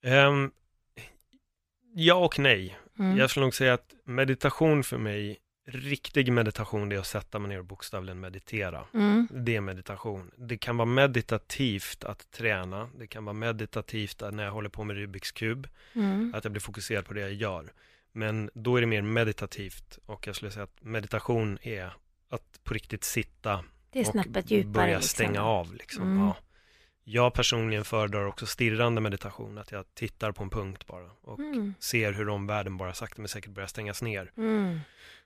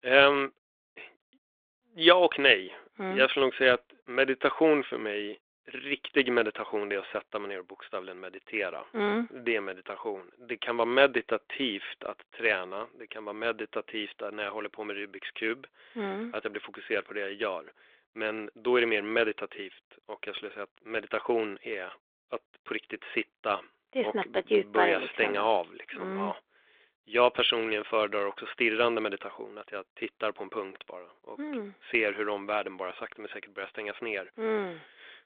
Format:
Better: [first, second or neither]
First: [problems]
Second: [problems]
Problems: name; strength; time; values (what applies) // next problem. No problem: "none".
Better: first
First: none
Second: phone-call audio; nothing above 3.5 kHz